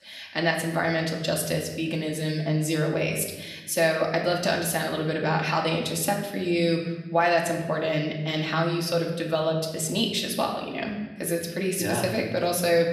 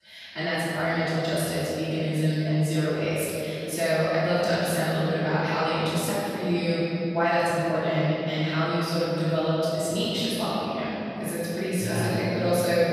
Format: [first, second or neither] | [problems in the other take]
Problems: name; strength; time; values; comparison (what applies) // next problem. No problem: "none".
first | room echo; strong; dies away in 3 s; slight in the first // off-mic speech; far; far in the first